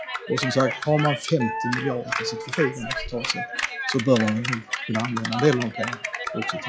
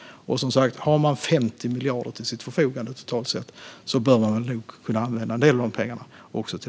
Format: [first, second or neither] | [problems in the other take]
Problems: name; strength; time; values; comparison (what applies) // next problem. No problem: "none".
second | noise reduction (classical method log-MMSE)